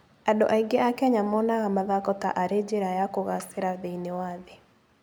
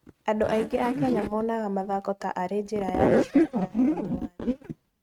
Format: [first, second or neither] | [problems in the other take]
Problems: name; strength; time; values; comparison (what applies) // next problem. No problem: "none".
first | noise reduction (neural mask model RNNoise)